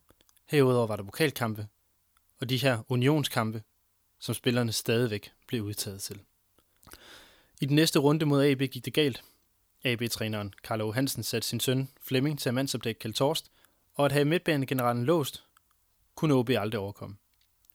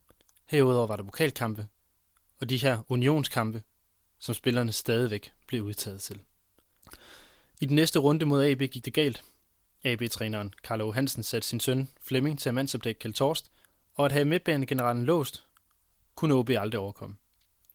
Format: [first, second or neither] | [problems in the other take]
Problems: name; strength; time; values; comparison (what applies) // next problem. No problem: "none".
first | garbled, watery; slightly